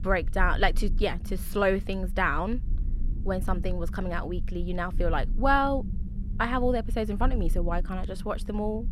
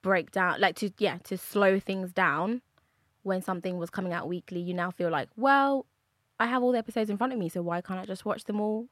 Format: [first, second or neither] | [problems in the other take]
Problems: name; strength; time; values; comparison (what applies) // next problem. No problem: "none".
second | low rumble; faint; throughout; 20 dB below the speech